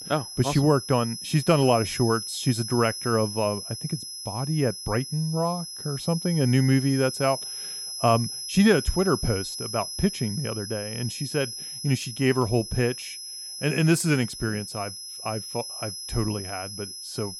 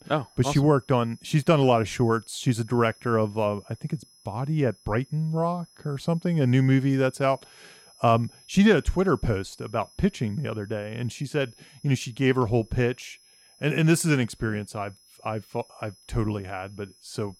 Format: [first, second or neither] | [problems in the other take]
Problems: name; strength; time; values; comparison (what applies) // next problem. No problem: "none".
second | high-pitched whine; loud; throughout; 5 kHz, 8 dB below the speech; faint in the second